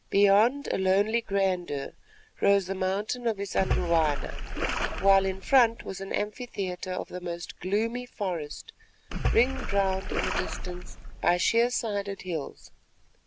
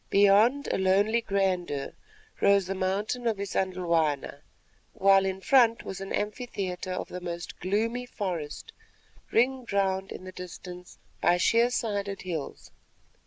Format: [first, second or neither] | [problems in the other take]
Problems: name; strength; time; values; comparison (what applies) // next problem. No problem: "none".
second | background sound (Splash, splatter); 2 dB below the speech